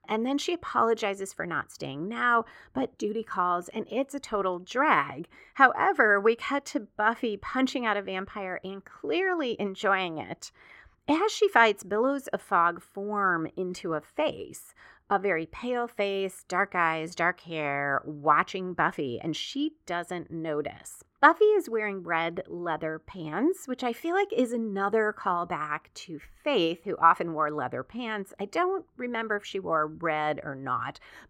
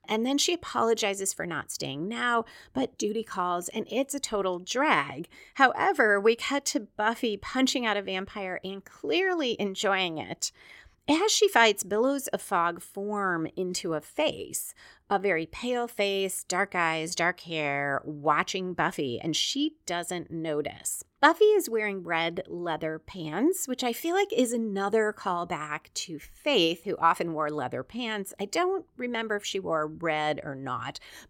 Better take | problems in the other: second | muffled; slightly; fading above 3 kHz

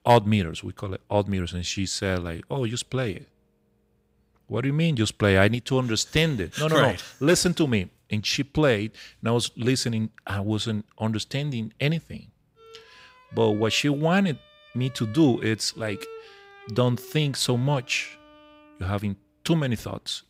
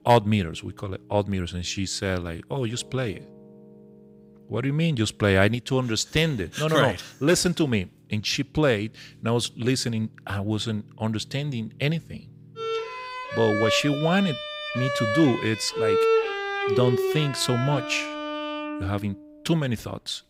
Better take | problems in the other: first | background music; loud; throughout; 2 dB below the speech; faint in the first

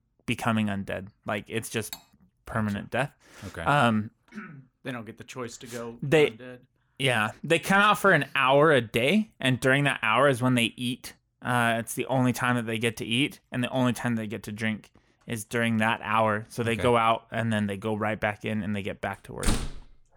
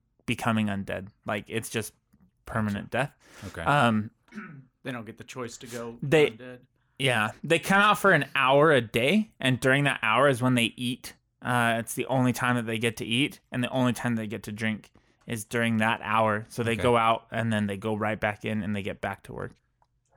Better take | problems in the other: second | clattering dishes; faint; at 2 s; peak 15 dB below the speech // door banging; noticeable; at 19 s; peak 4 dB below the speech

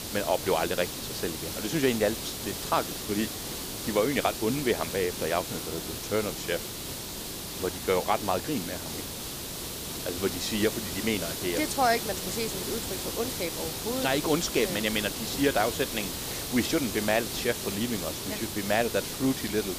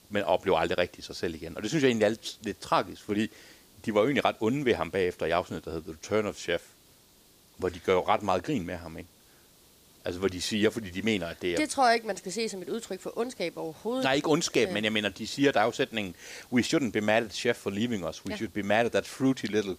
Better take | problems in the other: second | hiss; loud; throughout; 4 dB below the speech; faint in the second

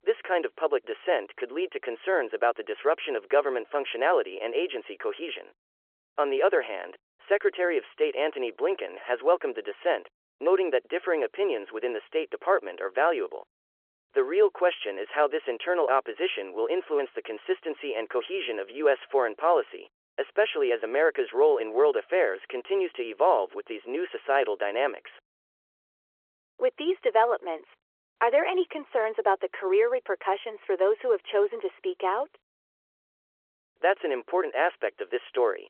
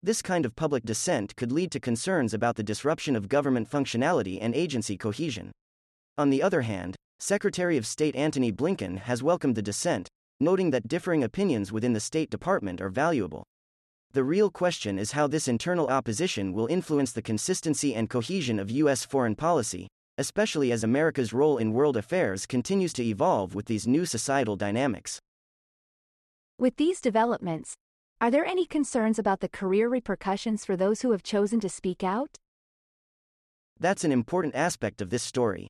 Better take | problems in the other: second | phone-call audio

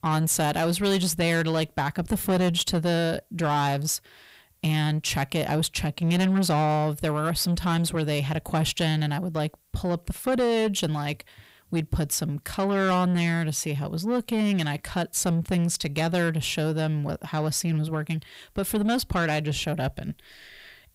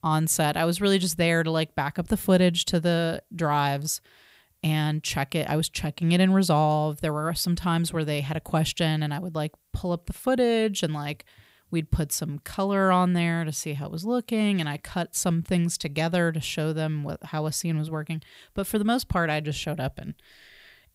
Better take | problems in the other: second | distortion; slight; 10 dB below the speech

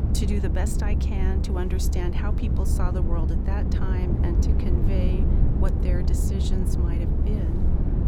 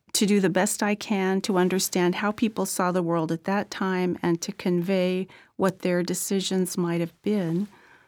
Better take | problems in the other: second | low rumble; loud; throughout; 1 dB below the speech

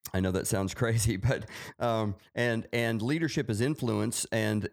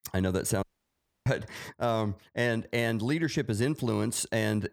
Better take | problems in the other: first | audio cutting out; at 0.5 s for 0.5 s

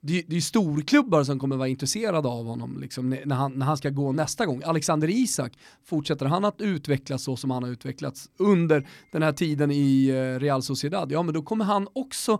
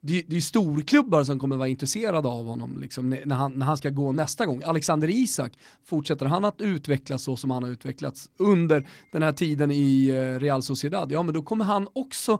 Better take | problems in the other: first | garbled, watery; slightly; nothing above 16.5 kHz

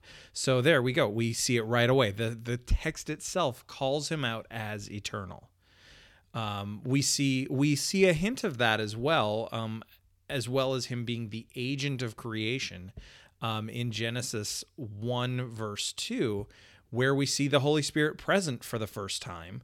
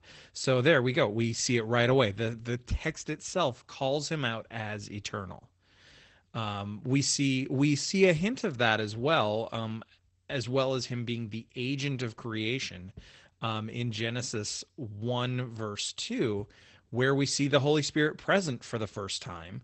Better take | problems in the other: first | garbled, watery; slightly; nothing above 8 kHz

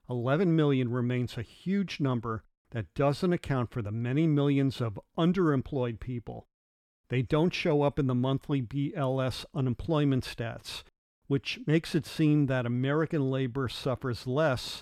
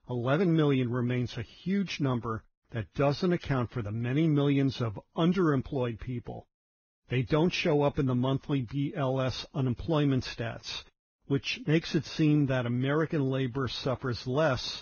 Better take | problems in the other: first | garbled, watery; badly; nothing above 6.5 kHz

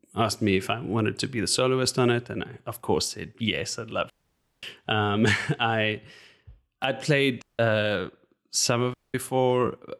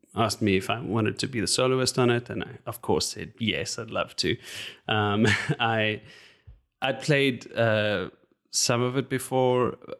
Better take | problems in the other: second | audio cutting out; at 4 s for 0.5 s, at 7.5 s and at 9 s

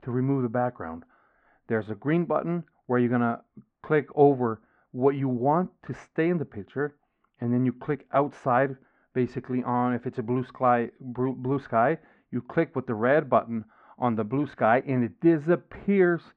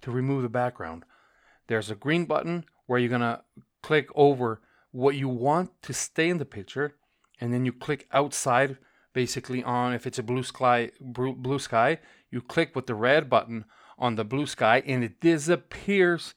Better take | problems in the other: second | muffled; very; fading above 1.5 kHz

